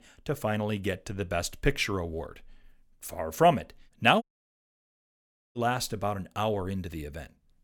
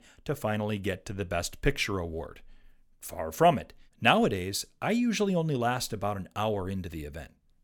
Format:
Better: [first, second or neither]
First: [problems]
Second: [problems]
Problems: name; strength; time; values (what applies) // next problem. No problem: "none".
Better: second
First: audio cutting out; at 4 s for 1.5 s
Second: none